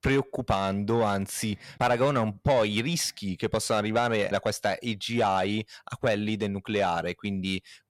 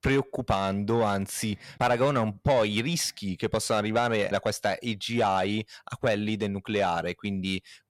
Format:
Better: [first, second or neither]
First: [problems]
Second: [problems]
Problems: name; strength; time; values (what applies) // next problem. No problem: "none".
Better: neither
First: distortion; slight; 10 dB below the speech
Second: distortion; slight; 10 dB below the speech